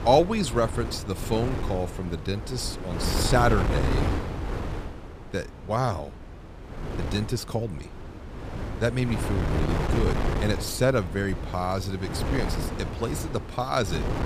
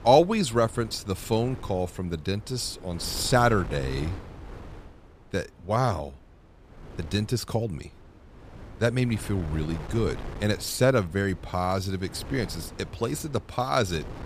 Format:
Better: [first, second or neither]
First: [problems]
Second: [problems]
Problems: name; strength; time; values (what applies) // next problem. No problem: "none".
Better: second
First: wind noise on the microphone; heavy; 6 dB below the speech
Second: wind noise on the microphone; occasional gusts; 20 dB below the speech